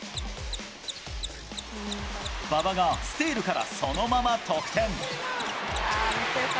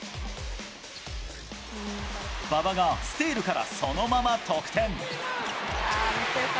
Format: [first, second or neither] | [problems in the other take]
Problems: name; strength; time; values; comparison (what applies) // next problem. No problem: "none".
second | background sound (Mechanisms + Cupboard open or close / Door); 14 dB below the speech